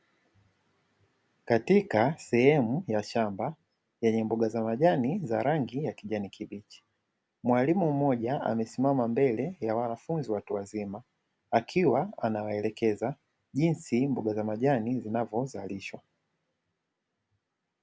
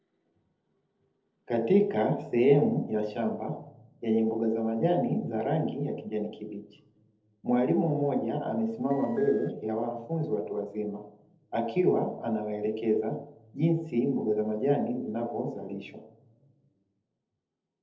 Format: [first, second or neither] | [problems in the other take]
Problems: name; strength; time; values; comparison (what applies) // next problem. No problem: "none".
first | noise reduction (neural separator model SepFormer DNS4)